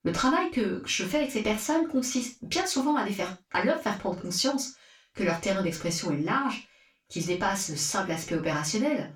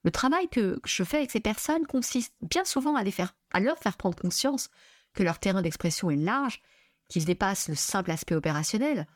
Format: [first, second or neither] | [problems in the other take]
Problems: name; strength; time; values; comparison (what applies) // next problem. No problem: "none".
second | room echo; slight; dies away in 0.2 s // off-mic speech; far